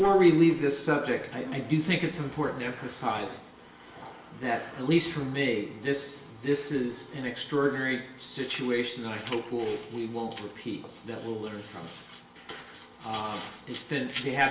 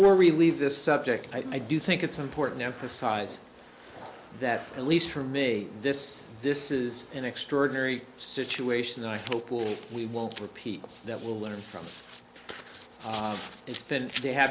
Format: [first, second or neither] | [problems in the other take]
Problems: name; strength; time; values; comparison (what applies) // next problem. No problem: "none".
second | room echo; dies away in 0.8 s